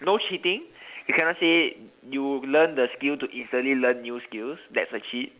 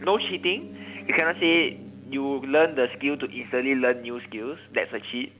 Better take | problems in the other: first | background sound (Piano); 19 dB below the speech

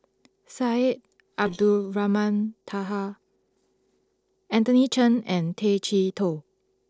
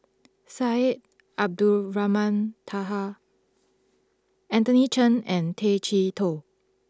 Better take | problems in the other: second | noise reduction (neural separator model SepFormer DNS4)

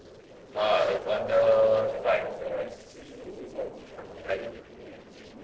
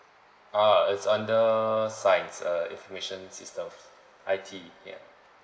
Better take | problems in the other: second | noise reduction (neural separator model SepFormer DNS4)

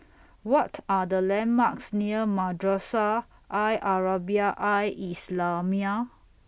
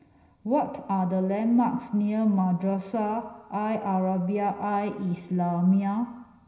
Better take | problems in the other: first | room echo; dies away in 0.9 s

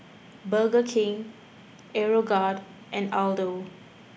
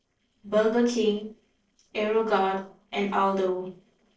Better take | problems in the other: first | noise reduction (neural separator model SepFormer DNS4)

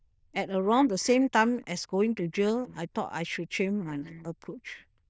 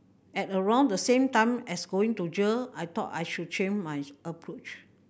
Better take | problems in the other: second | noise reduction (neural diffusion model UNIVERSE++)

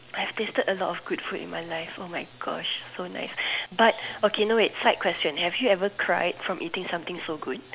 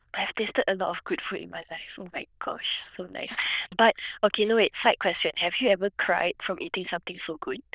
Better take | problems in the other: first | noise reduction (neural diffusion model UNIVERSE++)

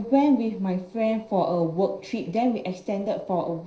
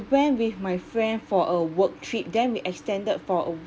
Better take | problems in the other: second | noise reduction (neural separator model SepFormer DNS4)

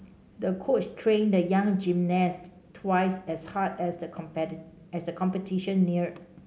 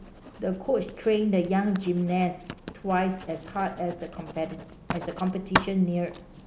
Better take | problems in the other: first | background sound (Writing); 9 dB below the speech

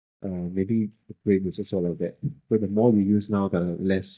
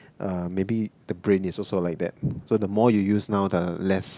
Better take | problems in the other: second | noise reduction (neural mask model DeepFilterNet 3)

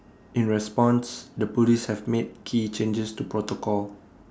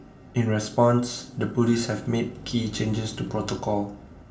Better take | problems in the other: first | background sound (Car passing by); 17 dB below the speech // room echo; dies away in 0.4 s

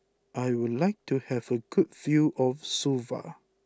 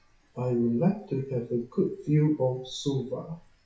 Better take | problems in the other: first | noise reduction (classical method WPE with log-MMSE)

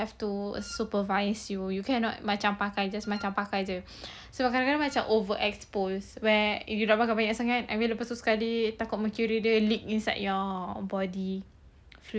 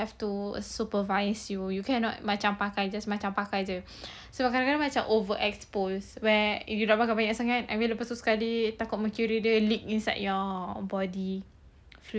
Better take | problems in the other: second | background sound (Wind instrument, woodwind instrument); 20 dB below the speech

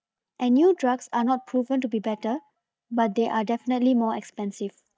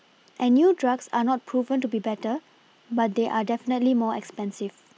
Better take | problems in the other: second | noise reduction (neural mask model DeepFilterNet 3)

